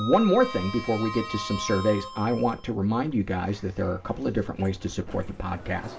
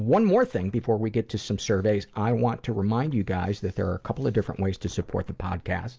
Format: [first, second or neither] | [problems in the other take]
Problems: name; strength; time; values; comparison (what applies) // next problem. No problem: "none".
second | background sound (Sliding door); 13 dB below the speech // room echo; dies away in 0.2 s